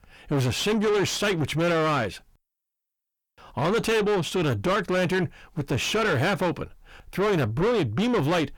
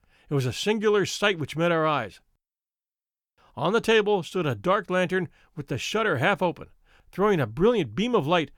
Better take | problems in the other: second | distortion; heavy; 6 dB below the speech

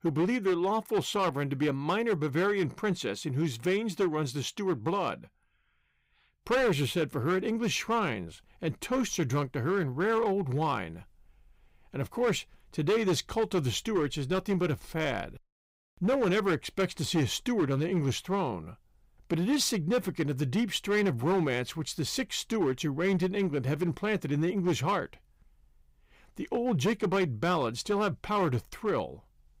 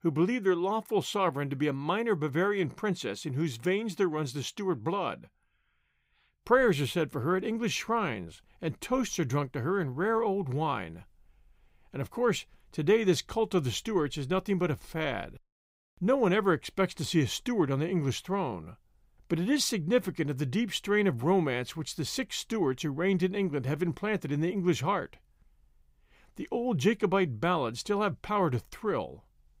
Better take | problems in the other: second | distortion; slight; 6% of the sound clipped

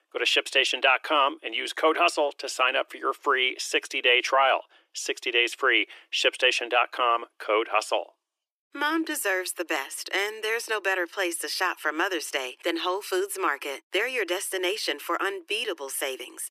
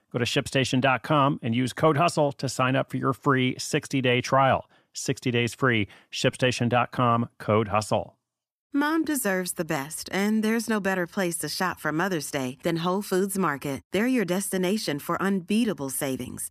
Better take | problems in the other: second | thin; very; fading below 350 Hz

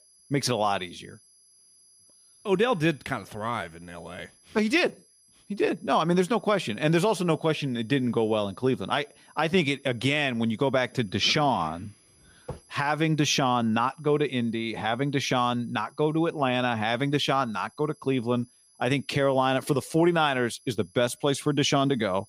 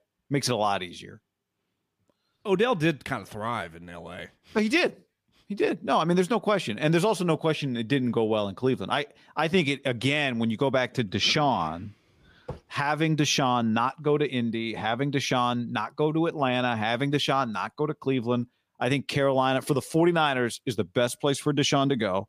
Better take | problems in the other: second | high-pitched whine; faint; throughout; 11 kHz, 30 dB below the speech

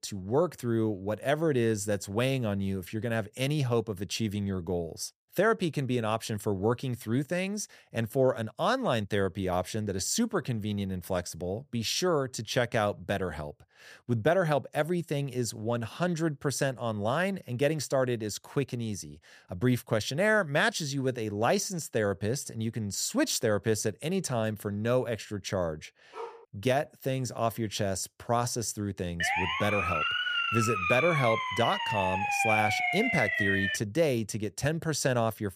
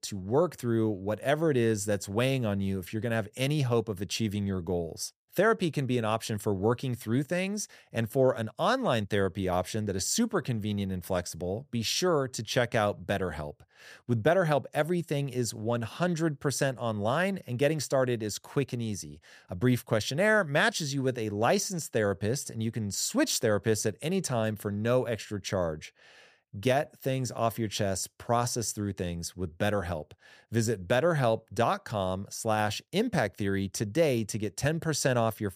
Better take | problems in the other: second | dog barking; faint; at 26 s; peak 15 dB below the speech // siren; loud; from 29 to 34 s; peak 4 dB above the speech

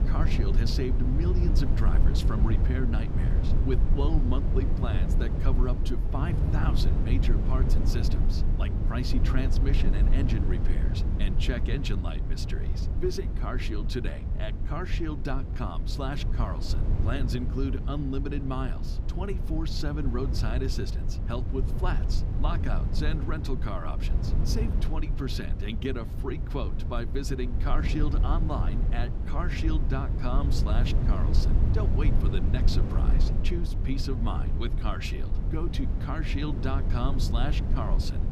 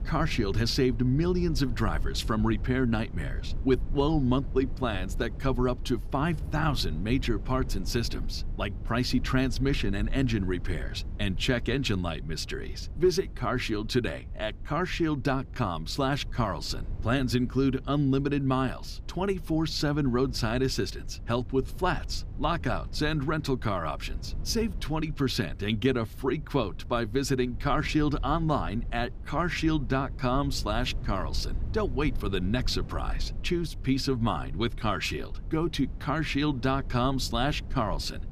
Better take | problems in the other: second | low rumble; loud; throughout; 5 dB below the speech; faint in the second

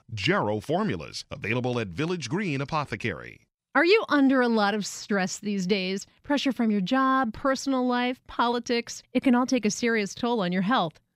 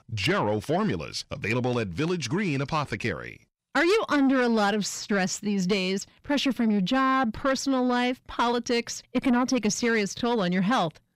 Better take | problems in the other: first | distortion; slight; 10 dB below the speech

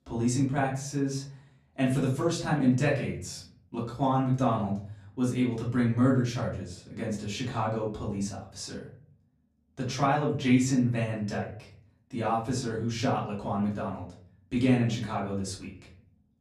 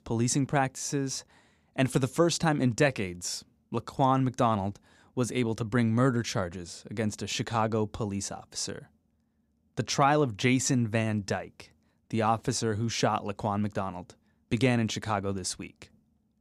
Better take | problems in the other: second | off-mic speech; far // room echo; slight; dies away in 0.6 s

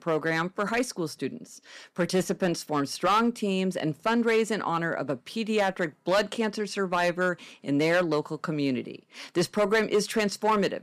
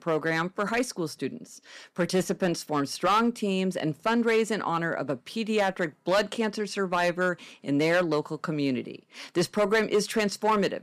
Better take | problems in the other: neither | distortion; slight; 3% of the sound clipped; the same in both

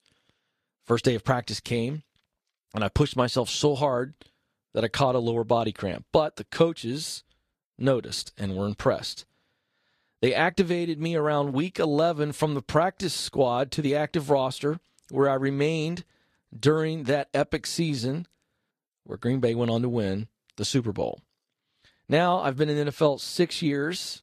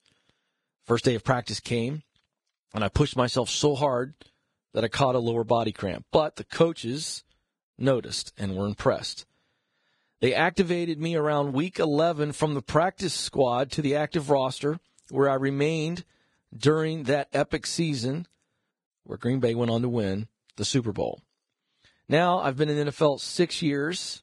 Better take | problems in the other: first | garbled, watery; badly; nothing above 10.5 kHz; slightly in the first

